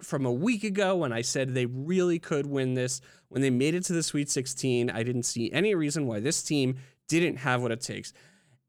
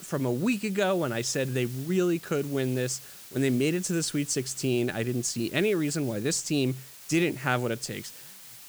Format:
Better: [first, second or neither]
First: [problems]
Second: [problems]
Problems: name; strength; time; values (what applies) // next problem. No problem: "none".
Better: first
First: none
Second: hiss; noticeable; throughout; 15 dB below the speech